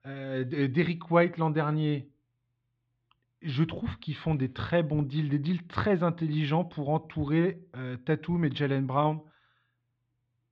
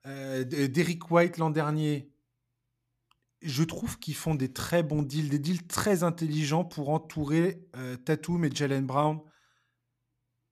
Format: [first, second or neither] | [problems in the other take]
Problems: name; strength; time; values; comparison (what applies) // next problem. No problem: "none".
second | muffled; very; fading above 3.5 kHz